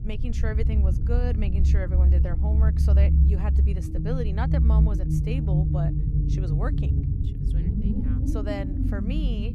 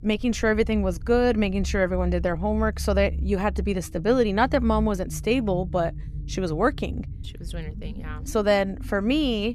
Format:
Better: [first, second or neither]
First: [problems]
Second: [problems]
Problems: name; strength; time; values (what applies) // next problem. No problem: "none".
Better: second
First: low rumble; loud; throughout; 1 dB below the speech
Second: low rumble; faint; throughout; 25 dB below the speech